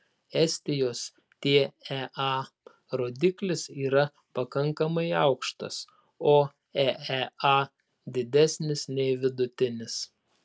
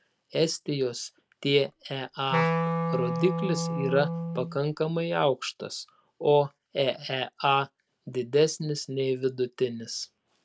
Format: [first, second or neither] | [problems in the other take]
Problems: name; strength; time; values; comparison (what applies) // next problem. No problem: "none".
first | background sound (Wind instrument, woodwind instrument); 2 dB below the speech